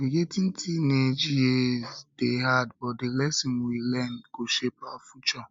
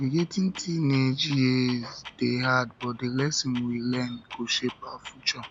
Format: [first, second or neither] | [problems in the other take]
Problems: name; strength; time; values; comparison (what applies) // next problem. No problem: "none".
first | background sound (Clock); 20 dB below the speech